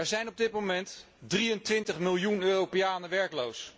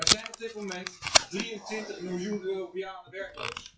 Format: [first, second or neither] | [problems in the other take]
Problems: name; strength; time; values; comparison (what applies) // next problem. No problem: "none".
first | noise reduction (classical method WPE with log-MMSE)